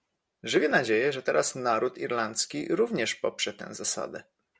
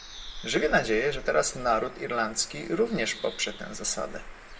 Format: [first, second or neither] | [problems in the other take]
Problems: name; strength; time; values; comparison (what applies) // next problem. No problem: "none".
first | background sound (Bird); 13 dB below the speech // room echo; dies away in 1.2 s